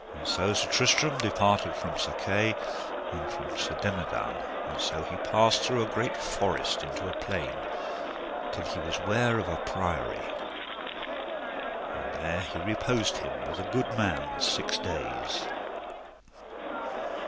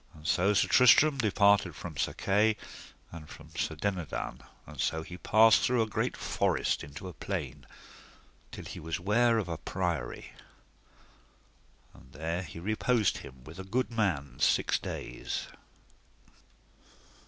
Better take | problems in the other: second | background sound (Crowd); 2 dB below the speech

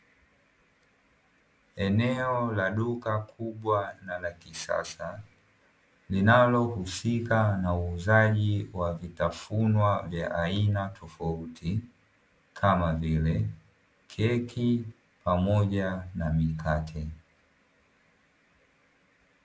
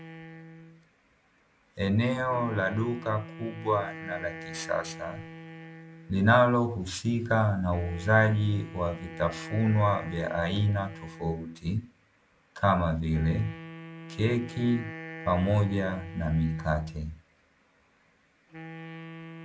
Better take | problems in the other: first | background sound (Wind instrument, woodwind instrument); 15 dB below the speech

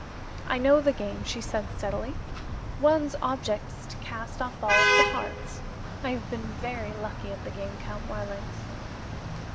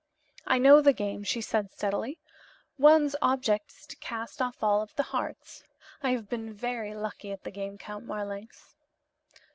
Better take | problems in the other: second | background sound (Traffic noise, roadway noise / Vehicle horn, car horn, honking); 1 dB below the speech

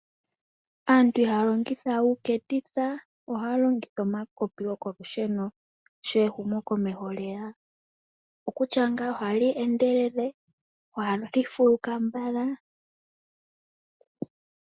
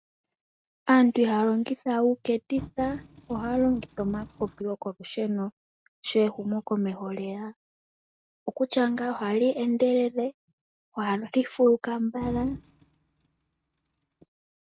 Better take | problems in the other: first | noise reduction (neural mask model RNNoise)

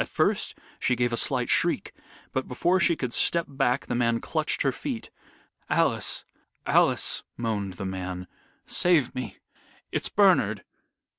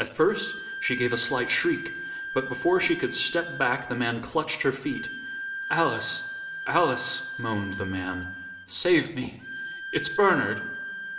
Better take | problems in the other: first | background sound (Bowed string instrument); 8 dB below the speech // room echo; dies away in 1.2 s

